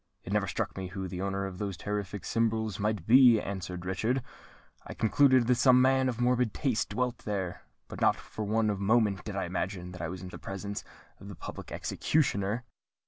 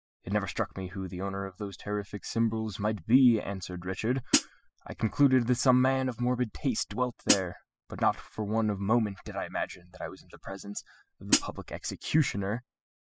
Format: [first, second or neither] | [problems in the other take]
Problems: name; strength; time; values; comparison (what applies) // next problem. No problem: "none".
first | noise reduction (classical method spectral subtraction)